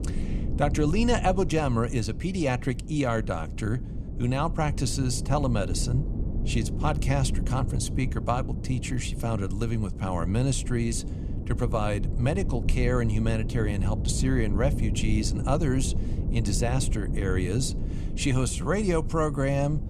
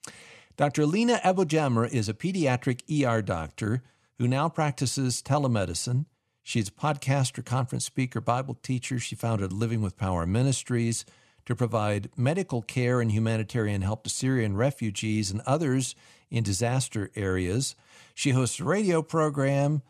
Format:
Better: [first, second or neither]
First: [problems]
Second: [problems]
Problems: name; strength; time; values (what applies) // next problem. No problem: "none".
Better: second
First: low rumble; noticeable; throughout; 10 dB below the speech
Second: none